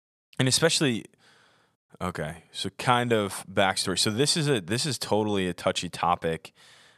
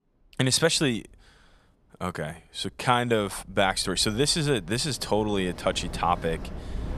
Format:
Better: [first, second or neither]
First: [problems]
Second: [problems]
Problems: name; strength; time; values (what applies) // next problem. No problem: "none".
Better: first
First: none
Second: wind in the background; noticeable; throughout; 15 dB below the speech